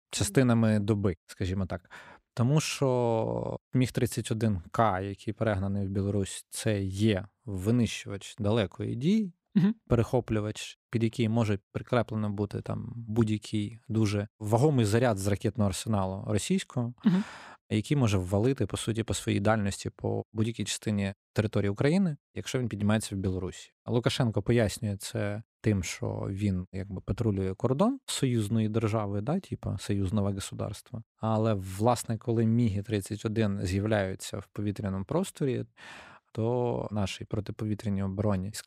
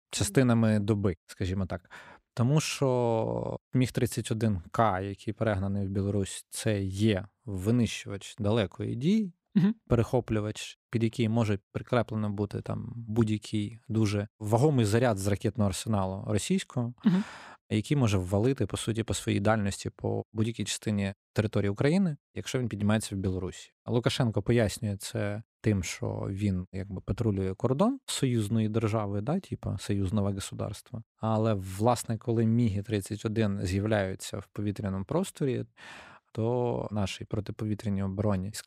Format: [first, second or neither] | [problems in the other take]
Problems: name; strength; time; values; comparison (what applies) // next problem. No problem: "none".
neither | none